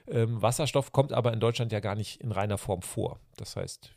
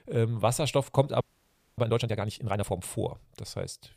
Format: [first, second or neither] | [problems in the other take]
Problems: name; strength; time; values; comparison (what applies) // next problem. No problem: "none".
first | audio freezing; at 1 s for 0.5 s